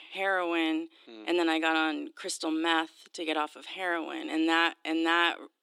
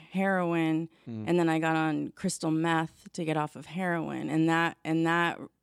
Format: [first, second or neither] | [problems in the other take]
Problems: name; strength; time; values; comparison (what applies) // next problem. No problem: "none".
second | thin; very; fading below 300 Hz